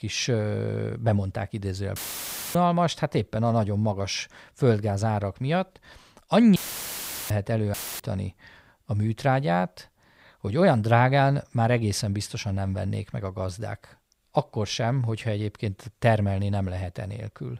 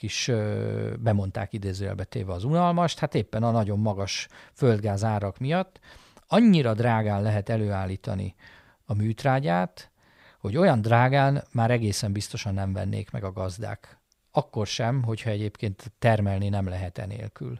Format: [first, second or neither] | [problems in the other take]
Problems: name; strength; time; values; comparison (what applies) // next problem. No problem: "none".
second | audio cutting out; filled with static; at 2 s for 0.5 s, at 6.5 s for 0.5 s and at 7.5 s